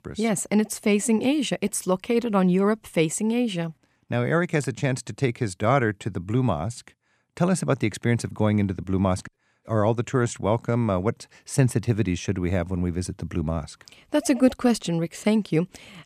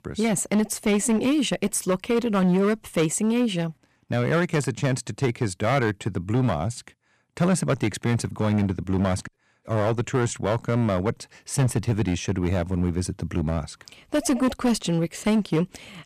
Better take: first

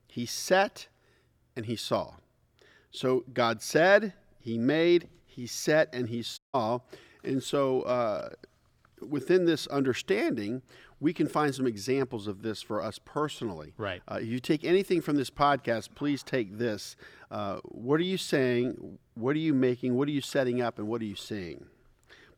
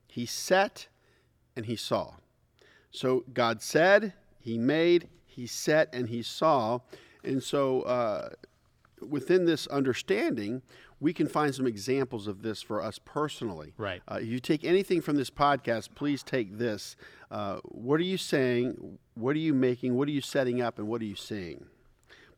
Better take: second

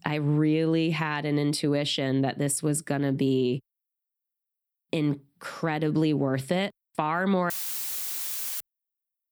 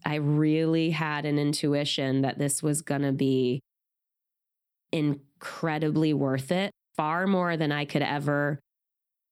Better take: second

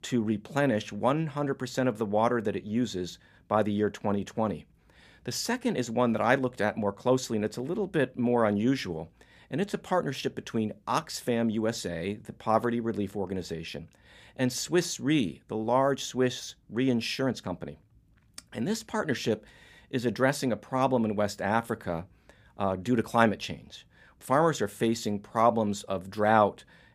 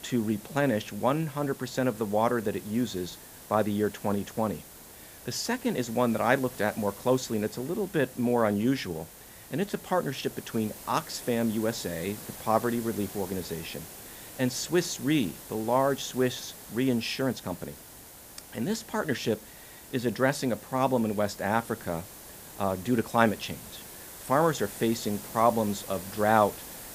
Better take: first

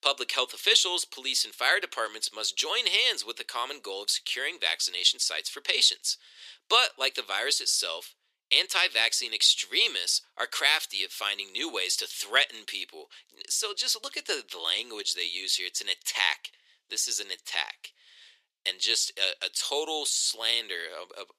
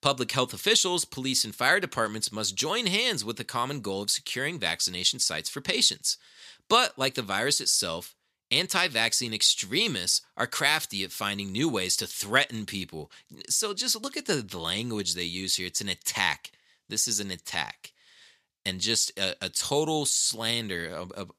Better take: second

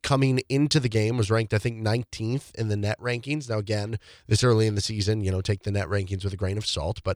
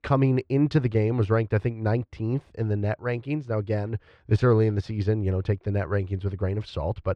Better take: first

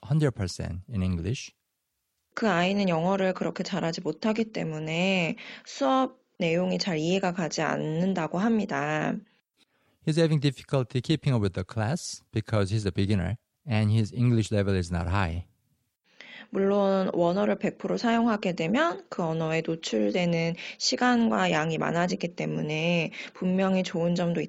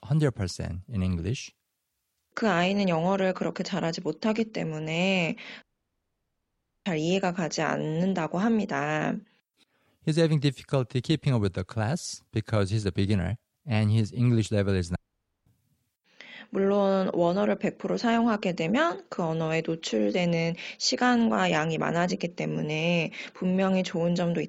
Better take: first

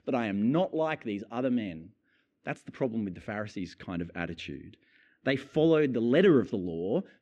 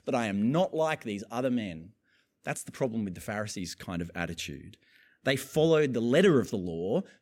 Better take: second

